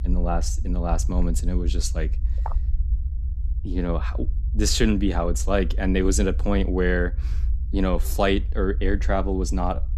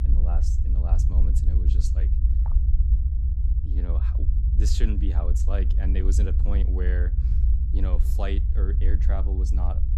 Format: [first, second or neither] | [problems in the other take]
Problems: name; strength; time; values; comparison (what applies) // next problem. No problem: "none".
first | low rumble; loud; throughout; 4 dB below the speech; faint in the first